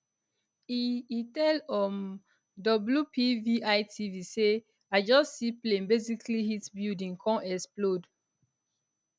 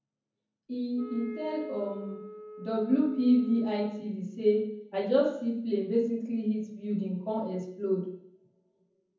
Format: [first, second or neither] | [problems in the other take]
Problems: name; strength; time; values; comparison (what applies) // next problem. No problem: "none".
first | background sound (Wind instrument, woodwind instrument); 14 dB below the speech // room echo; dies away in 0.7 s